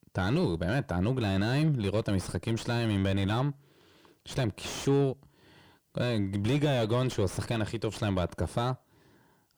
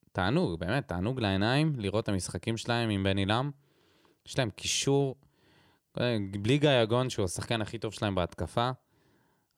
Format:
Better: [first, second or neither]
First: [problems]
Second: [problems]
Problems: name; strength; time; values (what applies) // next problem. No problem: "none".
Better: second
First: distortion; heavy; 6 dB below the speech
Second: none